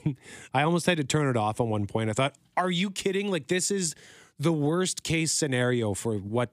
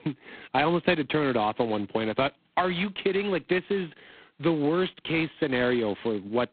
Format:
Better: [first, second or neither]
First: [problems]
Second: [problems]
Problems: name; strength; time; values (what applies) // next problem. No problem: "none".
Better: first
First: none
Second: phone-call audio; poor line; nothing above 4 kHz